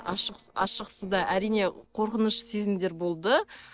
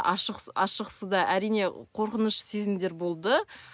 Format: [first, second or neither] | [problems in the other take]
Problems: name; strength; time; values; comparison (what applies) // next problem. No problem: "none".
second | noise reduction (neural separator model SepFormer DNS4)